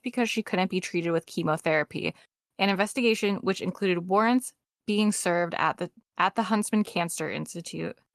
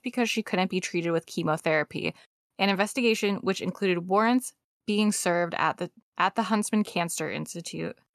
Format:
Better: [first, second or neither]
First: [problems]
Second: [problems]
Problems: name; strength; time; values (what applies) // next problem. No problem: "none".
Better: second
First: garbled, watery; slightly; nothing above 13.5 kHz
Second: none